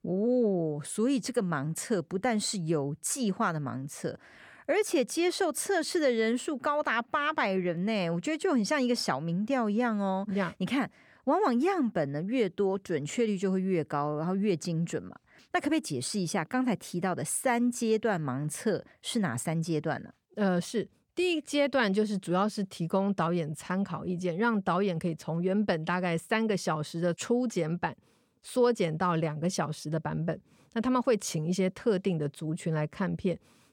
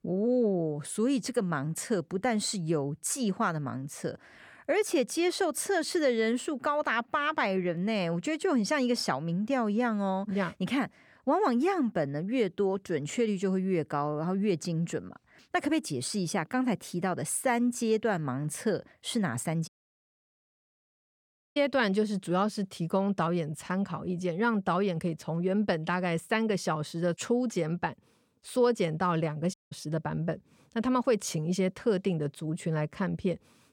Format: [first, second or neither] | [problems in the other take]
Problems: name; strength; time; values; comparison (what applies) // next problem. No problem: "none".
first | audio cutting out; at 20 s for 2 s and at 30 s